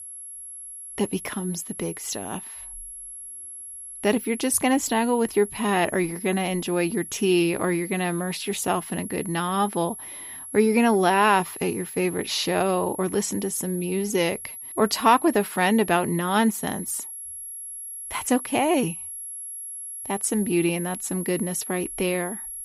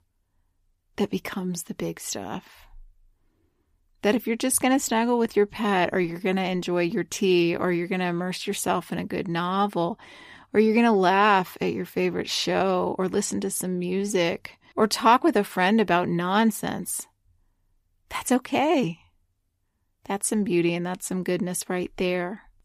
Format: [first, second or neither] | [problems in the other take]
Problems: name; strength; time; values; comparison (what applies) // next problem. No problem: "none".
second | high-pitched whine; noticeable; throughout; 11 kHz, 10 dB below the speech